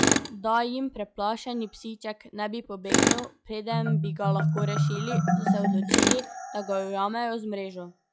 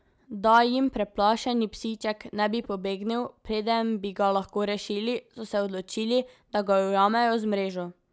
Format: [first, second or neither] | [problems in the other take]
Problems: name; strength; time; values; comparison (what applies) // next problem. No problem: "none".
second | noise reduction (classical method log-MMSE)